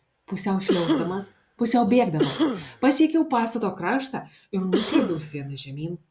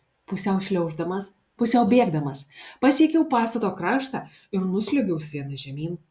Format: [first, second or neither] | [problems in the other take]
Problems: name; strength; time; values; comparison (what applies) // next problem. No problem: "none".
second | background sound (Cough); 3 dB below the speech